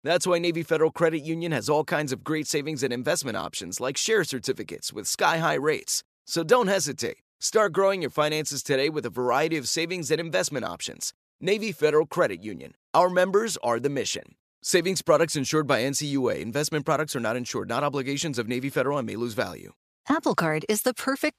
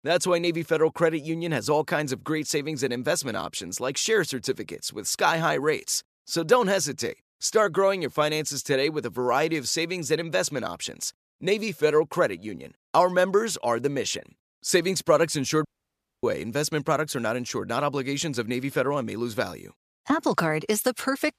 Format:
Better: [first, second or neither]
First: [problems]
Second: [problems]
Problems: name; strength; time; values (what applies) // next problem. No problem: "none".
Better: first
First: none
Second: audio cutting out; at 16 s for 0.5 s